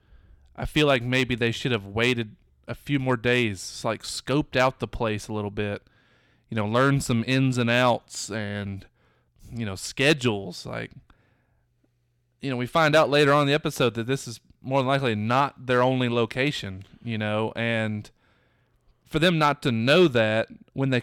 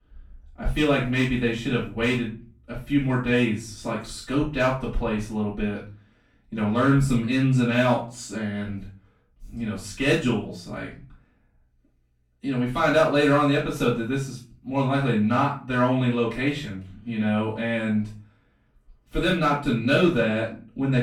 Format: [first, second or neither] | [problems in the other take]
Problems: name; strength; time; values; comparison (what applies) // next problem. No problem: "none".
first | off-mic speech; far // room echo; noticeable; dies away in 0.3 s